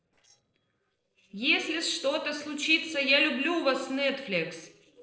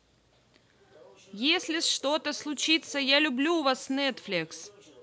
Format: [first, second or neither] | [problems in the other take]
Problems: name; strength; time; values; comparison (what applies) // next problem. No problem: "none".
second | noise reduction (neural separator model SepFormer DNS4)